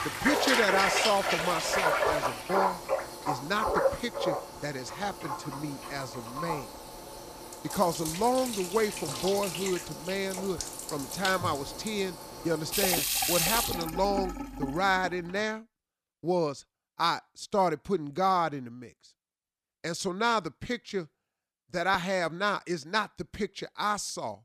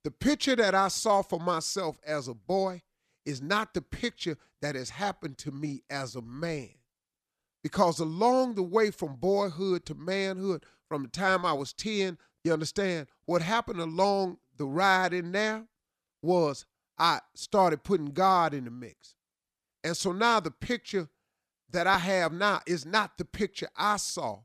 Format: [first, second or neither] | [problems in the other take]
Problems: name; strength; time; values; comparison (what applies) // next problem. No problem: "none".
second | household noises; very loud; until 15 s; as loud as the speech